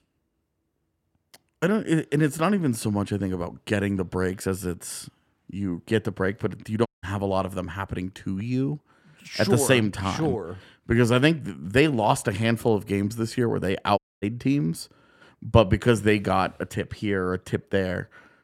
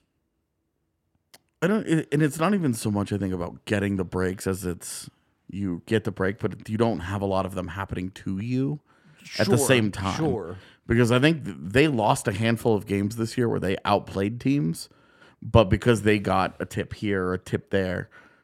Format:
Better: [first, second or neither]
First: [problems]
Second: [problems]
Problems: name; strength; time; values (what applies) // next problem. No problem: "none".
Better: second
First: audio cutting out; at 7 s and at 14 s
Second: none